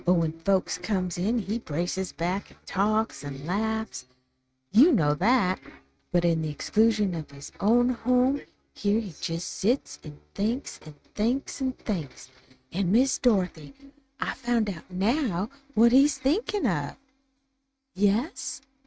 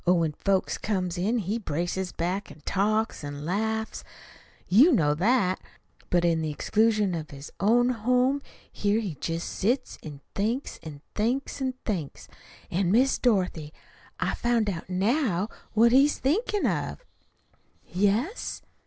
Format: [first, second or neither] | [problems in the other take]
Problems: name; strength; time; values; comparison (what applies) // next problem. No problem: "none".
second | noise reduction (neural mask model RNNoise)